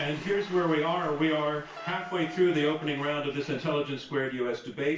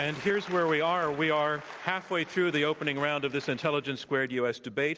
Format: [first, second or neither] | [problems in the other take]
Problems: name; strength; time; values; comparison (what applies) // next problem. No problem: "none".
second | background sound (Wind instrument, woodwind instrument); 16 dB below the speech // room echo; dies away in 0.3 s